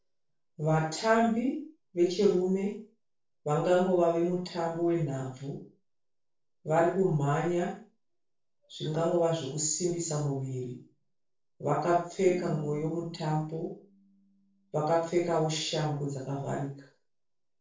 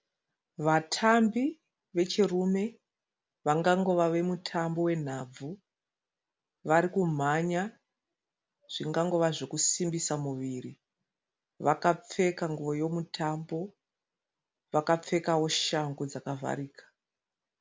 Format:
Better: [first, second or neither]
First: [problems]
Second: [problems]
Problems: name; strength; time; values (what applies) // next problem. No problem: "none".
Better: second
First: noise reduction (neural separator model SepFormer DNS4)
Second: none